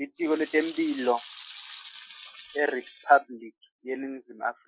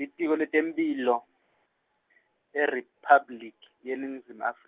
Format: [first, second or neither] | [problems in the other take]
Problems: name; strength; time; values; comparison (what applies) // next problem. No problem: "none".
second | noise reduction (classical method Wiener filter)